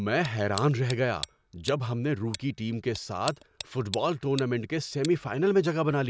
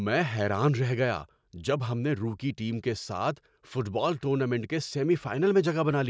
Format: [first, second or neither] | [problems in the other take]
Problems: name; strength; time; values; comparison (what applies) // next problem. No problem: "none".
second | background sound (Tick); 16 dB below the speech